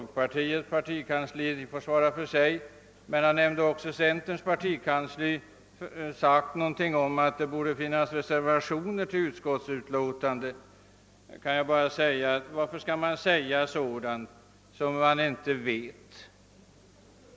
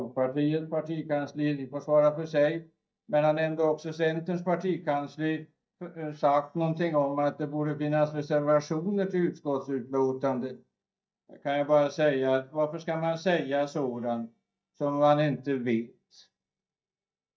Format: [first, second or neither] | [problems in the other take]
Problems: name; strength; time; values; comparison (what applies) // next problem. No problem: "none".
first | noise reduction (neural mask model DeepFilterNet 3)